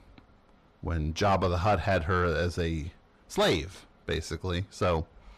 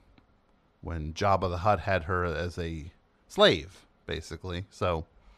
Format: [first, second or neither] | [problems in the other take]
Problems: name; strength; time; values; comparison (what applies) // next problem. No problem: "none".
second | distortion; heavy; 6 dB below the speech